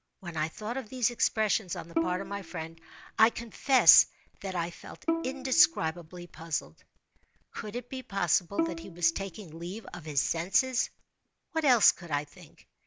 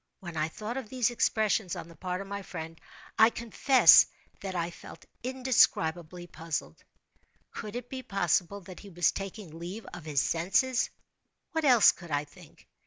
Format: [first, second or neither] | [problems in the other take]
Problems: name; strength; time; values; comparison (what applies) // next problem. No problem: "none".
second | background sound (Bowed string instrument); 6 dB below the speech